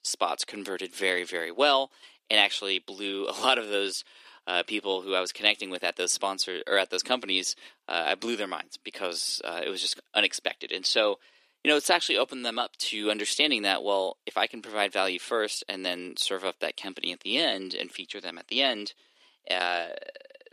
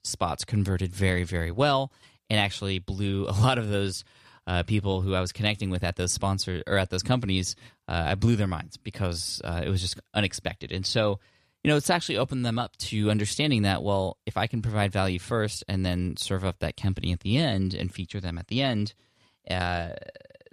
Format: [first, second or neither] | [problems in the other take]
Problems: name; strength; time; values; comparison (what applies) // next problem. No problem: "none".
second | thin; very; fading below 300 Hz